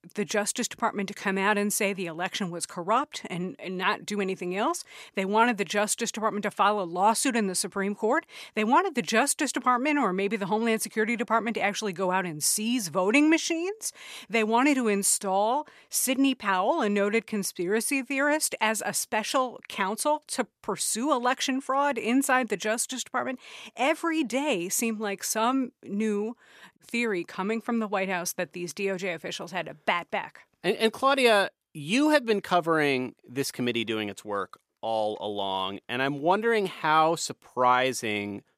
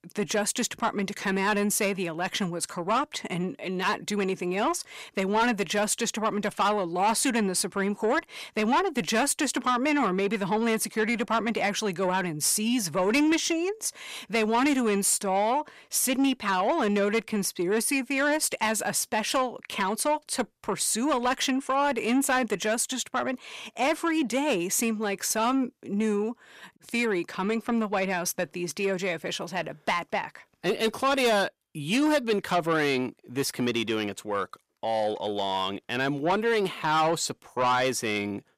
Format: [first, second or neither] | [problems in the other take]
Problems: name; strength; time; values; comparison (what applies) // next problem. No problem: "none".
first | distortion; slight; 10 dB below the speech